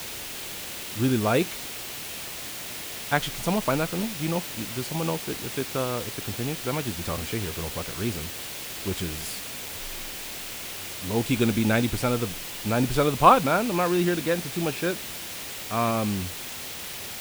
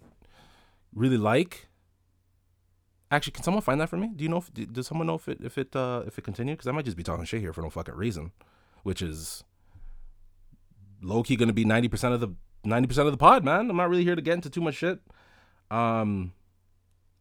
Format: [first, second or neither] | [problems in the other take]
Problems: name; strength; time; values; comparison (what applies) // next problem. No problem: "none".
second | hiss; loud; throughout; 7 dB below the speech